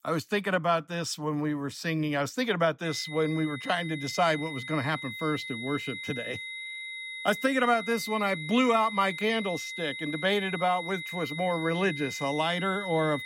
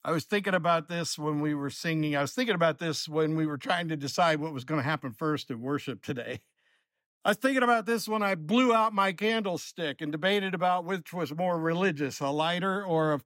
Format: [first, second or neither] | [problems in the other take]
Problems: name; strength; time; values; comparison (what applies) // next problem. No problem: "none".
second | high-pitched whine; loud; from 3 s on; 2 kHz, 8 dB below the speech